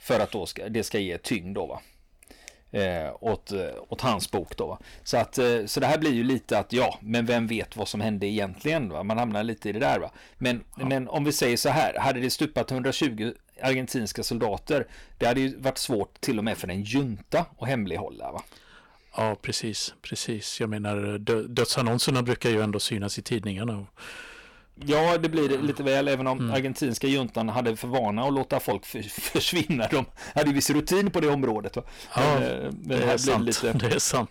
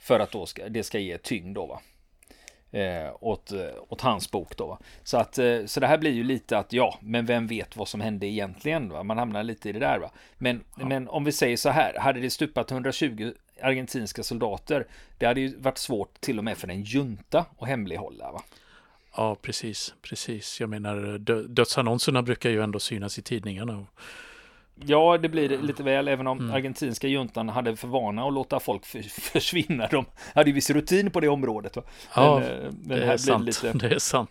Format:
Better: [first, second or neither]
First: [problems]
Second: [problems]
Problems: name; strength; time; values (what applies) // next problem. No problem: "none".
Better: second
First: distortion; heavy; 7% of the sound clipped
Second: none